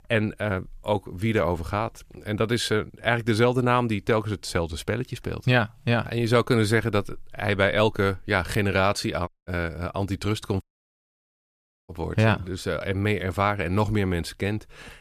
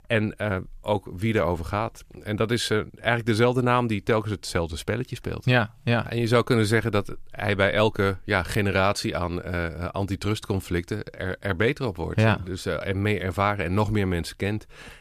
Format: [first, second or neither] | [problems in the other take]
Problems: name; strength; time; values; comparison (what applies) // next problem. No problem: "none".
second | audio cutting out; at 9.5 s and at 11 s for 1.5 s